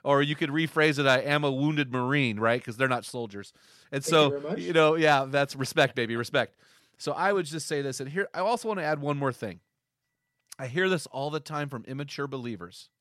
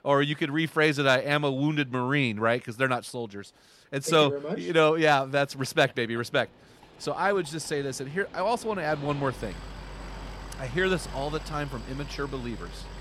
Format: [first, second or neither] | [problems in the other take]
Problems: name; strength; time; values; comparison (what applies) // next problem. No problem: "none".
first | train or aircraft noise; noticeable; throughout; 15 dB below the speech